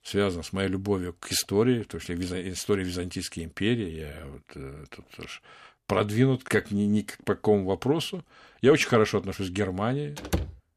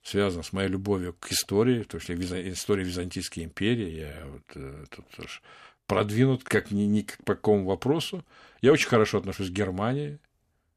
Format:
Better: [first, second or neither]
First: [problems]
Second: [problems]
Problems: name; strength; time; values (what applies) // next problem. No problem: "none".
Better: second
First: door banging; noticeable; at 10 s; peak 5 dB below the speech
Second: none